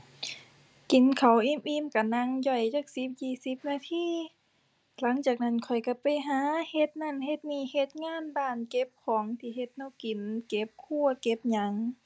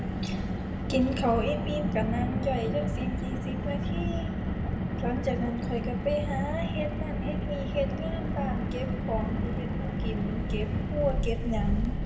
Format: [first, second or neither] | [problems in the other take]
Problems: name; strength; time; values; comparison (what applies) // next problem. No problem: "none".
first | background sound (Car); 3 dB above the speech // room echo; dies away in 1.2 s